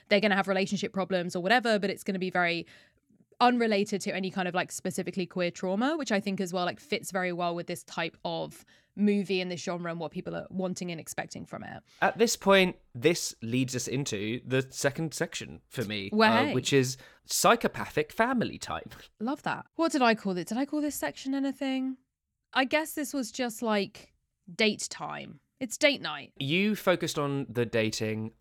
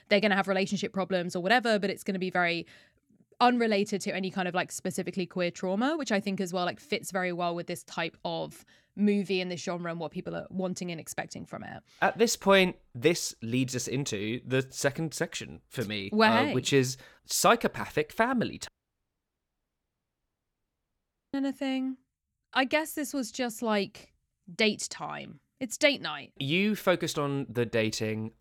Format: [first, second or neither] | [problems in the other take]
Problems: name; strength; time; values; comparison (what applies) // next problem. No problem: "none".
first | audio cutting out; at 19 s for 2.5 s